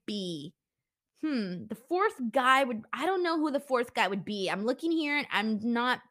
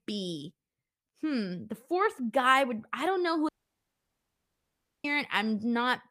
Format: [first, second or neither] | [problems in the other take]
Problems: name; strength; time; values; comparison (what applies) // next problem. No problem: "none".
first | audio cutting out; at 3.5 s for 1.5 s